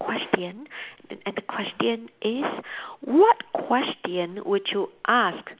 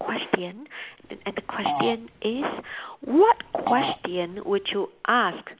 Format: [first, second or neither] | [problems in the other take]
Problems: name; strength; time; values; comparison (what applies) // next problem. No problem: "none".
first | background sound (Fart); 8 dB below the speech